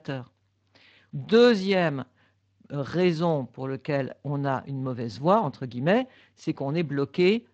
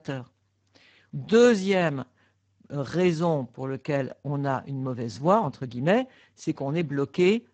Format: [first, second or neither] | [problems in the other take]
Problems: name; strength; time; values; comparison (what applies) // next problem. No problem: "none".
first | garbled, watery; badly; nothing above 7.5 kHz; slightly in the first